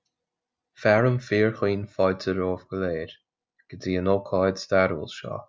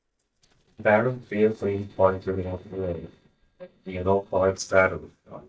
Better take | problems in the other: first | noise reduction (neural mask model DeepFilterNet 3)

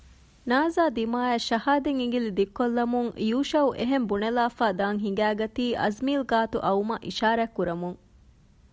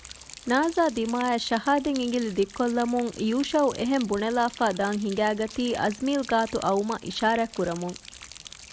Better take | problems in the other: first | background sound (Rain); 18 dB below the speech

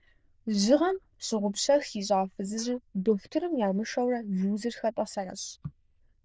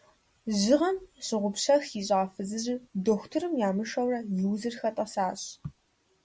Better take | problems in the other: second | noise reduction (neural diffusion model UNIVERSE++)

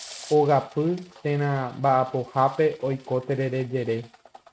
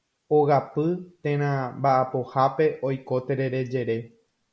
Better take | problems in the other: second | noise reduction (neural mask model RNNoise)

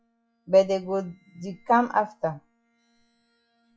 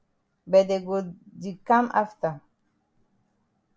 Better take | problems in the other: second | noise reduction (classical method log-MMSE)

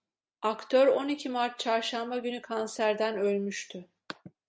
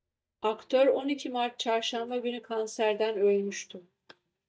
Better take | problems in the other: first | noise reduction (neural mask model DeepFilterNet 3)

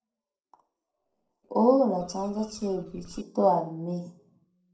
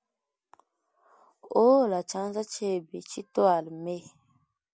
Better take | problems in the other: second | noise reduction (neural separator model SepFormer DNS4)

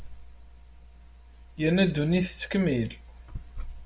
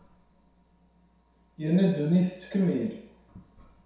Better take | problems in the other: first | room echo; dies away in 0.7 s

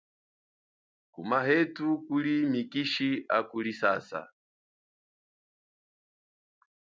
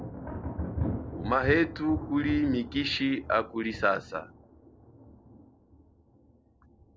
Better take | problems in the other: first | background sound (Thunder); 7 dB below the speech

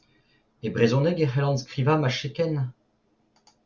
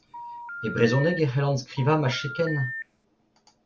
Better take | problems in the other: first | background sound (Telephone); 10 dB below the speech

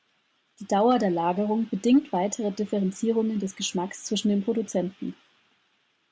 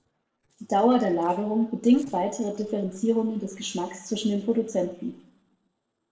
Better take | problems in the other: first | noise reduction (neural separator model SepFormer DNS4)

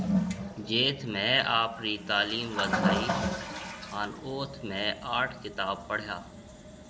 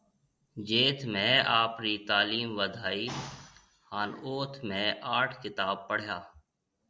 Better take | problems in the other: second | background sound (Toilet flush); 2 dB below the speech

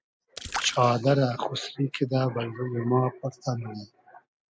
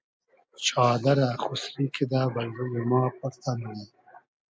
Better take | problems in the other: second | background sound (Splash, splatter); 12 dB below the speech

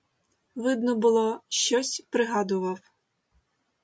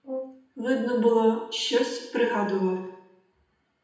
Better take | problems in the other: first | background sound (Brass instrument); 15 dB below the speech // room echo; dies away in 0.8 s

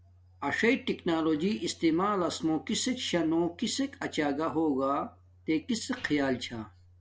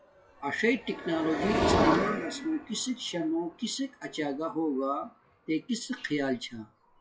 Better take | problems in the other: first | noise reduction (classical method WPE with log-MMSE)

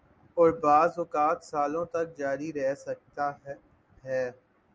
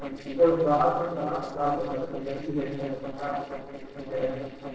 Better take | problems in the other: first | noise reduction (neural separator model SepFormer DNS4)

